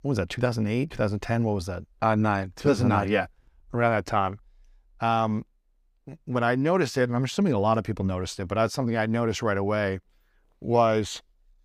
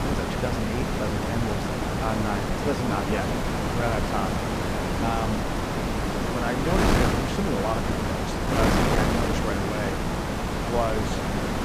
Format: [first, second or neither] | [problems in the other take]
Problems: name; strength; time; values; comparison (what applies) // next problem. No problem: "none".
first | wind noise on the microphone; heavy; 3 dB above the speech